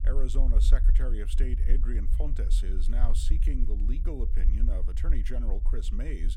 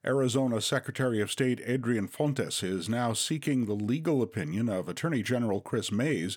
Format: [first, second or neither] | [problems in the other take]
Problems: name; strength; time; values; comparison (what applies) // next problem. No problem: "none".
second | low rumble; loud; throughout; 8 dB below the speech